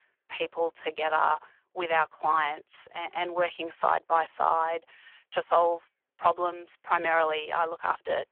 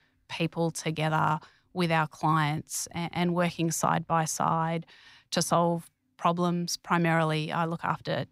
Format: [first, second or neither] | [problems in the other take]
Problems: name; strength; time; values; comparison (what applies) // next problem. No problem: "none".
second | phone-call audio; poor line